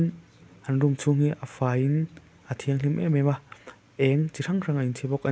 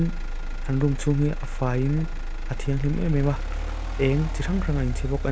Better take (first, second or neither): first